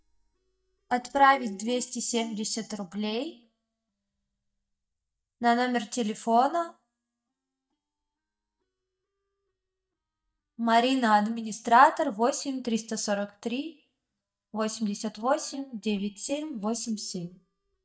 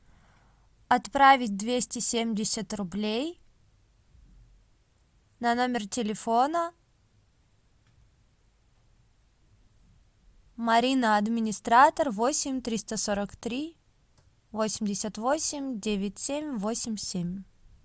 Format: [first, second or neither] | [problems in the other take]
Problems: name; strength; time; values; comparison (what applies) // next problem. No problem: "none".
second | noise reduction (neural mask model DeepFilterNet 3)